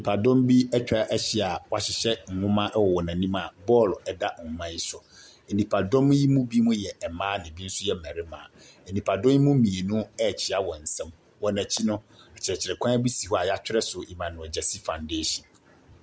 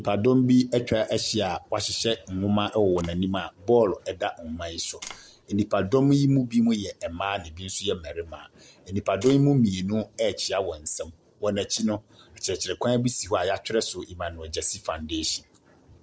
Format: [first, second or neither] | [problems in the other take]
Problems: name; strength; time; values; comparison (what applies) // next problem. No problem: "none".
first | noise reduction (neural separator model SepFormer DNS4)